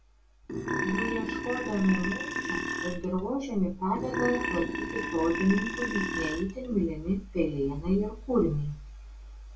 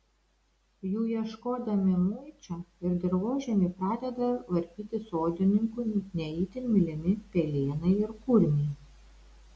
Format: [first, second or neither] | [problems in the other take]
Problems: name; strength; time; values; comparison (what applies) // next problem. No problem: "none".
second | background sound (Burping, eructation); 3 dB below the speech // room echo; dies away in 0.2 s